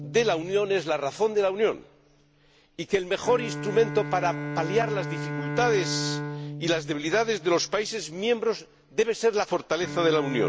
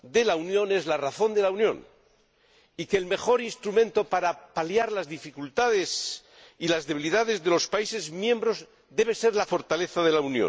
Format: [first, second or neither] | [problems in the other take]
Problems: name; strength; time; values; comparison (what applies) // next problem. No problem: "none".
second | background sound (Bowed string instrument); 9 dB below the speech